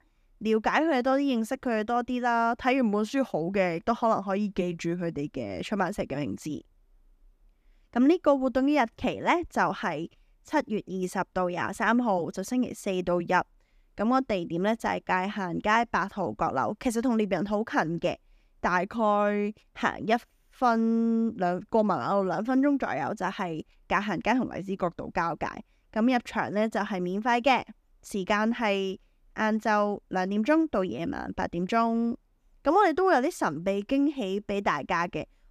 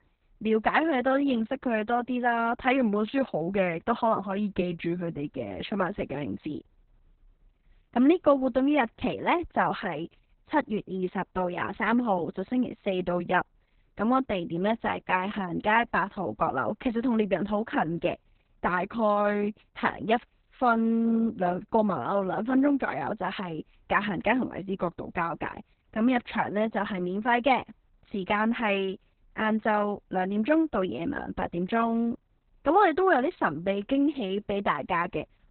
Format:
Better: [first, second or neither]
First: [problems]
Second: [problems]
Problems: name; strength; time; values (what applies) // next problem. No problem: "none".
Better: first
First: none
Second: garbled, watery; badly